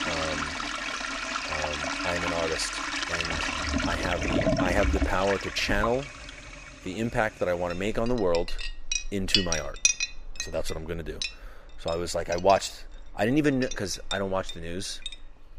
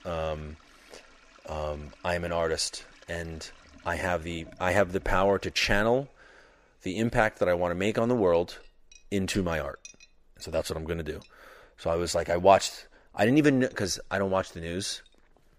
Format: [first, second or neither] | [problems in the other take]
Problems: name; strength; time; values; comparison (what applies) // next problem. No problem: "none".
second | household noises; loud; throughout; as loud as the speech; faint in the second